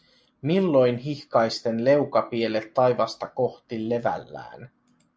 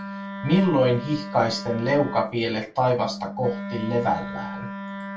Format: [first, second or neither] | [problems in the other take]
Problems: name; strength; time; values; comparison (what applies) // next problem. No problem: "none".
first | background sound (Wind instrument, woodwind instrument); 10 dB below the speech // room echo; dies away in 0.2 s